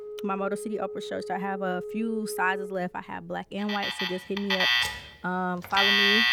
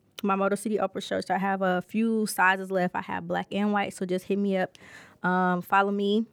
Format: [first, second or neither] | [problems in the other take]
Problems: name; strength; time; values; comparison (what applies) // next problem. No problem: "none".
second | alarms or sirens; very loud; throughout; 4 dB above the speech